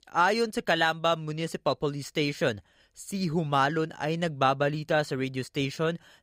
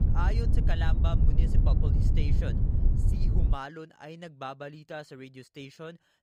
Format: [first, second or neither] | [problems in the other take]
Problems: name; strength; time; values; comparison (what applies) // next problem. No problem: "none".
first | wind noise on the microphone; heavy; until 3.5 s; 2 dB below the speech